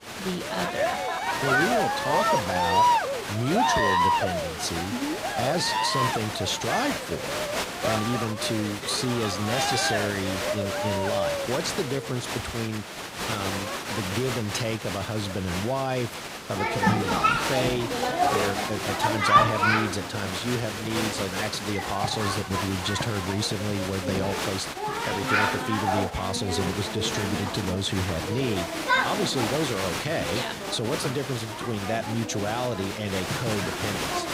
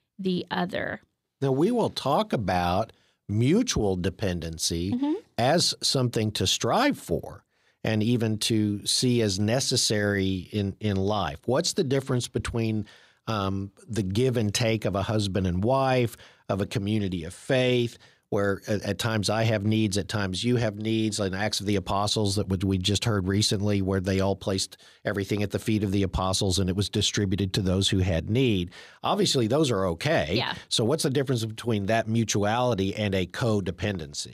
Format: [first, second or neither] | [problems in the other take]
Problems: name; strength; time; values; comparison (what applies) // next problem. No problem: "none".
second | crowd noise; very loud; throughout; 3 dB above the speech